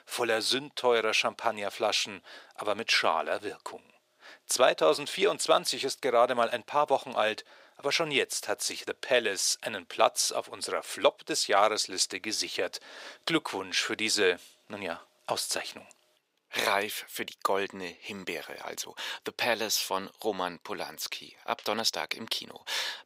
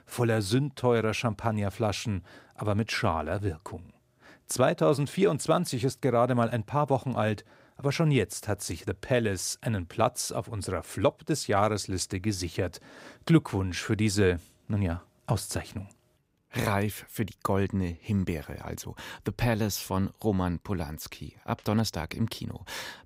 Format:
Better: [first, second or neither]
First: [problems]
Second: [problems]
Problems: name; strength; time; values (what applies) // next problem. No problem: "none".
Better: second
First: thin; very; fading below 550 Hz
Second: none